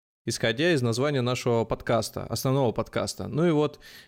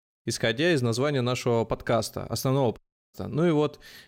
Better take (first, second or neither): first